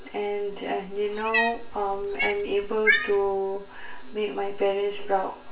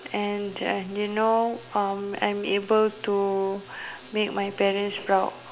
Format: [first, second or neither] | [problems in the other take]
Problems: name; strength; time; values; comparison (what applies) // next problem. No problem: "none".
second | background sound (Cat); 2 dB below the speech // room echo; dies away in 0.3 s